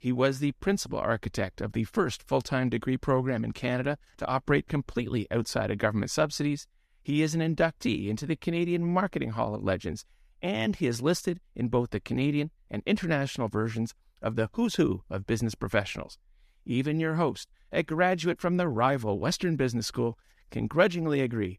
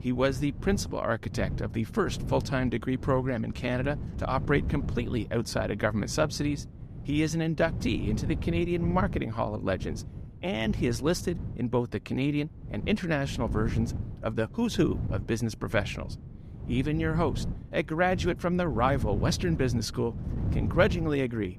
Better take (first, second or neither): first